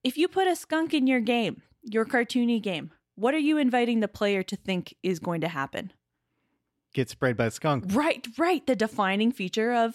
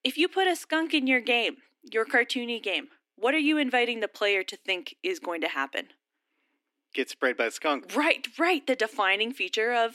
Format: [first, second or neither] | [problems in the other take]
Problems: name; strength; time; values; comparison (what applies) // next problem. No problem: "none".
first | thin; very slightly; fading below 250 Hz